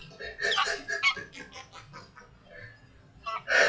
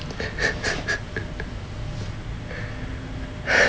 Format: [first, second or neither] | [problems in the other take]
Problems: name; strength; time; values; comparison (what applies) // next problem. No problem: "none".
second | noise reduction (classical method WPE with log-MMSE)